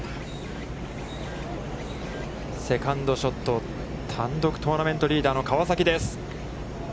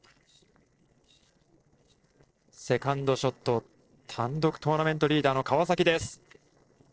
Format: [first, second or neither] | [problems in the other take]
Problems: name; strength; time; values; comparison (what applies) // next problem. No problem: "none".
first | noise reduction (neural separator model SepFormer DNS4)